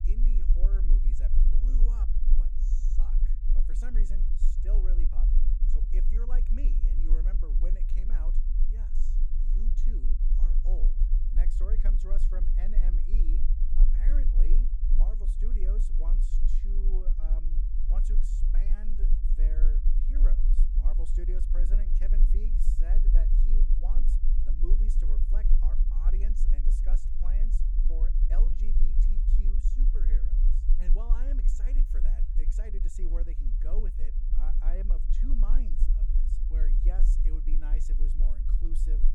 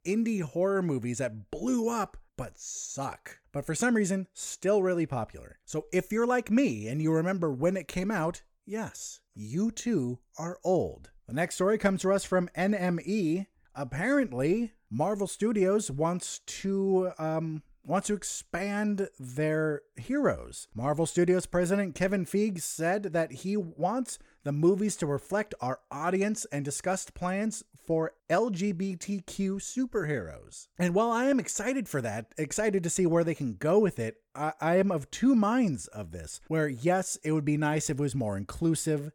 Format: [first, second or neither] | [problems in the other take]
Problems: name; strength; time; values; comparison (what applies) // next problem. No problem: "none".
second | low rumble; loud; throughout; 3 dB below the speech